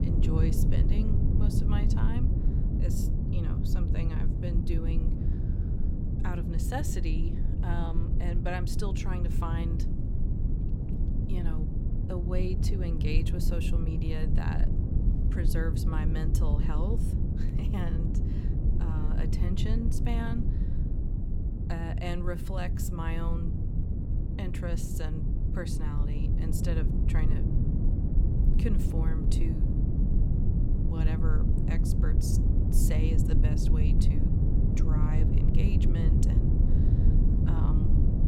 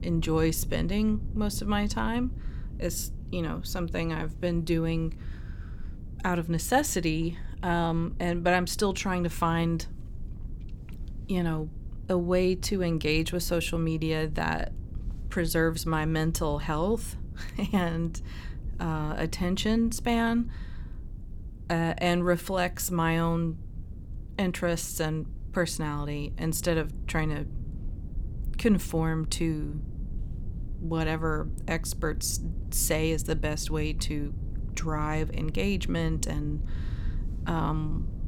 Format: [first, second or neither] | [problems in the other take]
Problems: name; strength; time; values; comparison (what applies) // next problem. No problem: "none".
second | low rumble; loud; throughout; as loud as the speech; faint in the second